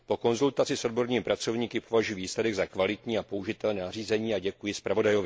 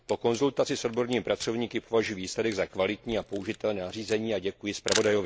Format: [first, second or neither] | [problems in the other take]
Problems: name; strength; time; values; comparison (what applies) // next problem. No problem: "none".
first | background sound (Camera); 14 dB below the speech